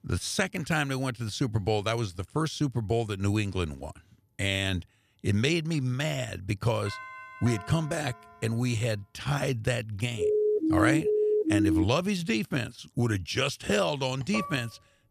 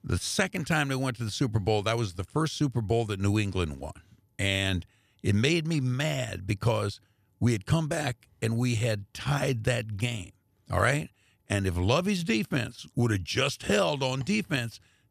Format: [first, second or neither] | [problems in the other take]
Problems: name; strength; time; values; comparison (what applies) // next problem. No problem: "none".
second | doorbell; faint; from 7 to 8.5 s; peak 10 dB below the speech // siren; loud; from 10 to 12 s; peak 4 dB above the speech // clattering dishes; noticeable; at 14 s; peak 8 dB below the speech